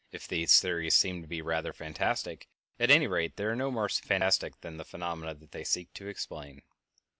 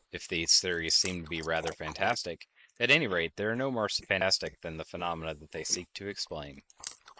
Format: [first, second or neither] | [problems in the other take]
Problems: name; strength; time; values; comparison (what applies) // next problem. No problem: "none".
first | noise reduction (neural mask model Resemble Enhance denoiser)